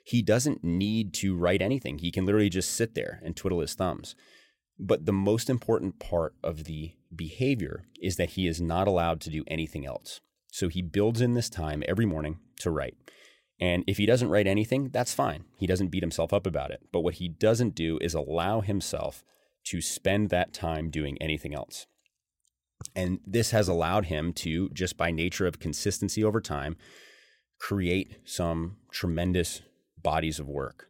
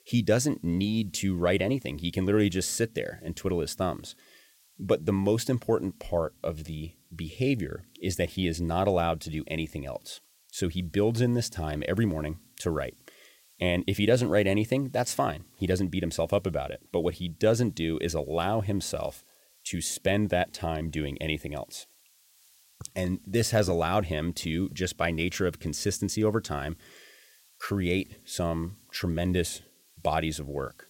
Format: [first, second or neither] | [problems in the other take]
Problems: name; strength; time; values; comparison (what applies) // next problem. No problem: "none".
first | hiss; faint; throughout; 30 dB below the speech